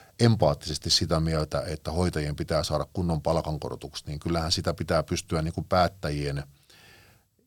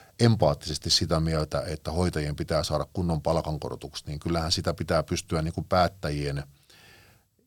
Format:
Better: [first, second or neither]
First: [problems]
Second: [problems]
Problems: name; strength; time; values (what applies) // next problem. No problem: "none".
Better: neither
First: none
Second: none